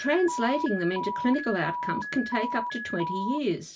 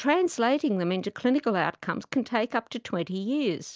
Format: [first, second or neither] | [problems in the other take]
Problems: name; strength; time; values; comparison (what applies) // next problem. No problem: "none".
second | background sound (Alarm); 5 dB below the speech // room echo; dies away in 0.1 s